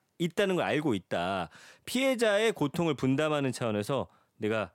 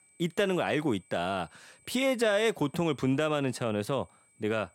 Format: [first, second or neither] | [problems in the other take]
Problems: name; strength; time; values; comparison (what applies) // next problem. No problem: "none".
first | high-pitched whine; faint; throughout; 8 kHz, 30 dB below the speech